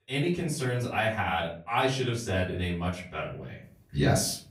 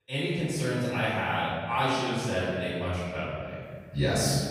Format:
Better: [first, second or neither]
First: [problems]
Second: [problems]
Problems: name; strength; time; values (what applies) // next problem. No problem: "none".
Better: first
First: room echo; slight; dies away in 0.4 s // off-mic speech; far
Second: room echo; strong; dies away in 1.8 s // off-mic speech; far